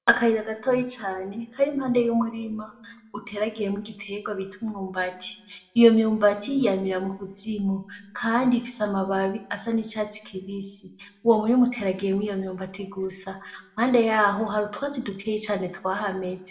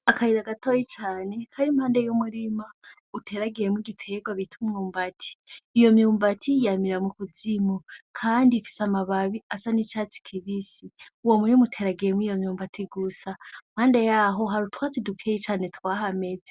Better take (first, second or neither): second